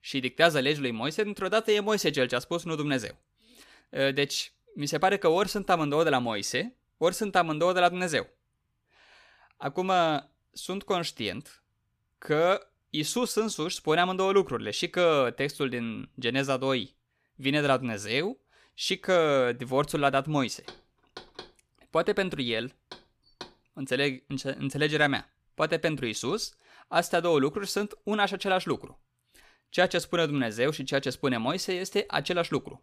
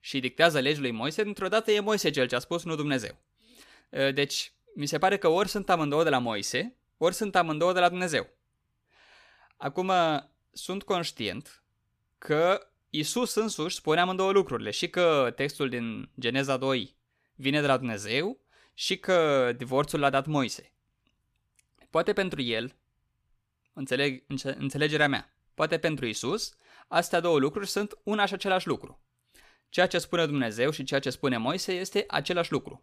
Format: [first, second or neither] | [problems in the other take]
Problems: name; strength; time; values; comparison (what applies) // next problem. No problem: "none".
second | door banging; faint; from 21 to 23 s; peak 15 dB below the speech